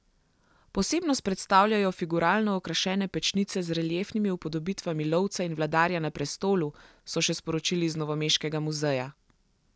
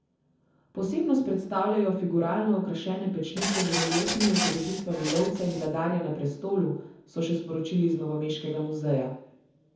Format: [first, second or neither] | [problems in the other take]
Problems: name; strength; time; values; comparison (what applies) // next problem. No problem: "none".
first | background sound (Printer); 4 dB below the speech // room echo; dies away in 0.7 s